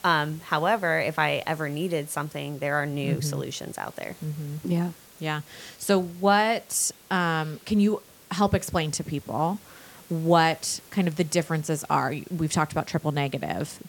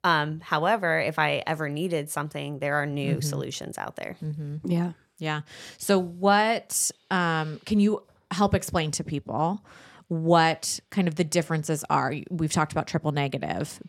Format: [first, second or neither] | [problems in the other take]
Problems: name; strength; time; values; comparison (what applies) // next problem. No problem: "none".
second | hiss; faint; throughout; 25 dB below the speech